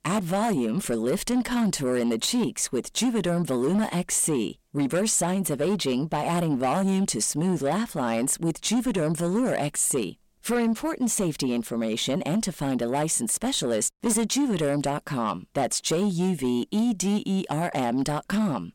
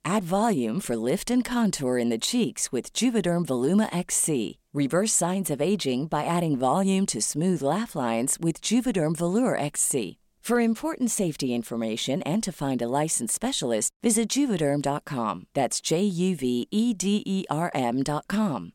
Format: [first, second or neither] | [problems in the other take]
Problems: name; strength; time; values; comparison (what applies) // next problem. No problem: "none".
second | distortion; slight; 10 dB below the speech